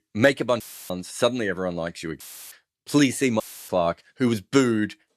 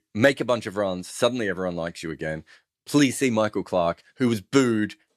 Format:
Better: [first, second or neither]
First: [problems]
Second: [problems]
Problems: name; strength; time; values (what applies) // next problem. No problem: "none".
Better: second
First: audio cutting out; filled with static; at 0.5 s, at 2 s and at 3.5 s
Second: none